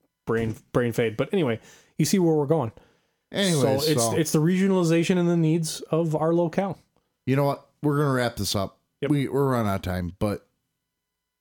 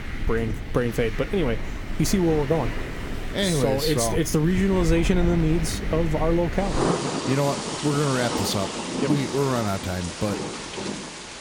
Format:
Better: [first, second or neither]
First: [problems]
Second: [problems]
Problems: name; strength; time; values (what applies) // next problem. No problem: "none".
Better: first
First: none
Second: rain or running water; loud; throughout; 6 dB below the speech